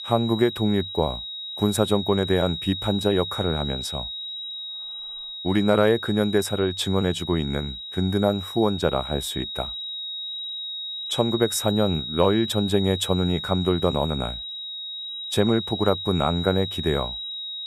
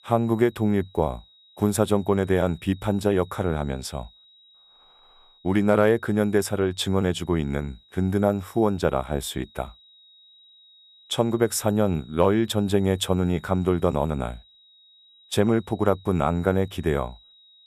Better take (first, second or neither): second